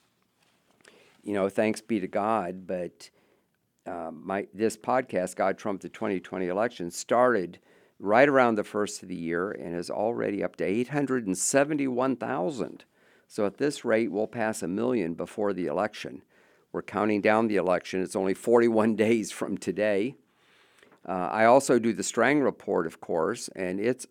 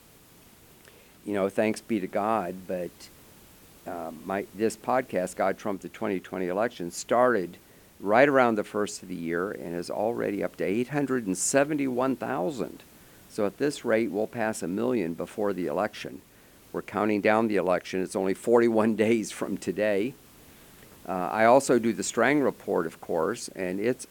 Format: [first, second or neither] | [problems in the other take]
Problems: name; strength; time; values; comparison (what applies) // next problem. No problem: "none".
first | hiss; faint; throughout; 25 dB below the speech